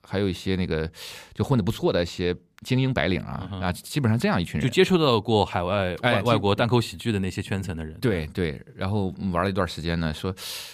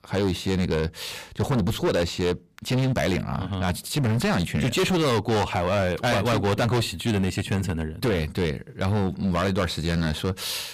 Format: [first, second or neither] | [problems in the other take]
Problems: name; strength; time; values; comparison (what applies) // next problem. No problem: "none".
first | distortion; heavy; 18% of the sound clipped